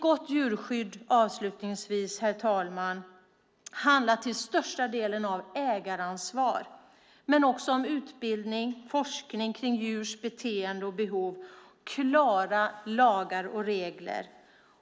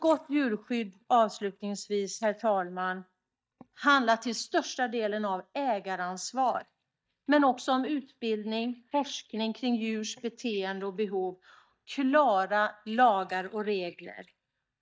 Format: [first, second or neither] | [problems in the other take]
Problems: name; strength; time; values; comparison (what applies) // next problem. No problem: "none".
first | noise reduction (neural mask model DeepFilterNet 3)